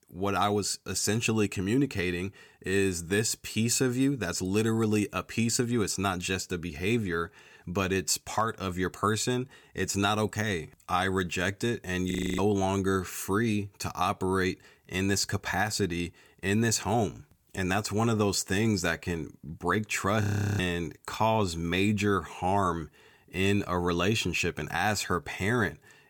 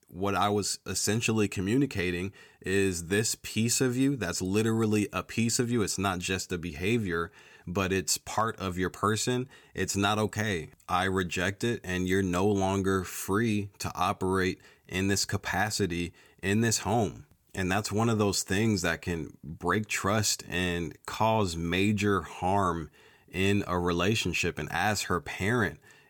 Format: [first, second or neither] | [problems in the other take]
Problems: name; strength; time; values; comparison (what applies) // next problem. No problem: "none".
second | audio freezing; at 12 s and at 20 s